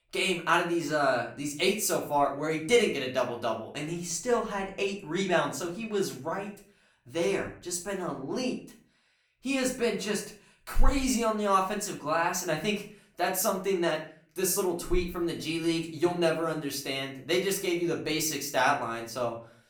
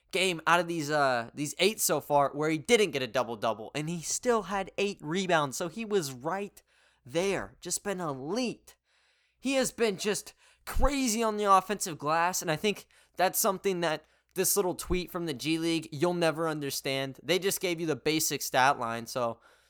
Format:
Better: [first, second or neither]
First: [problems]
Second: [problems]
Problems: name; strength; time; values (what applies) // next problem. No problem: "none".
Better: second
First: room echo; slight; dies away in 0.4 s // off-mic speech; far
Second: none